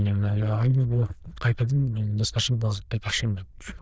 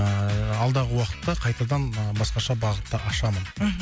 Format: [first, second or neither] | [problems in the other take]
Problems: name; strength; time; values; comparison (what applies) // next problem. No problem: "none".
second | noise reduction (neural diffusion model UNIVERSE++)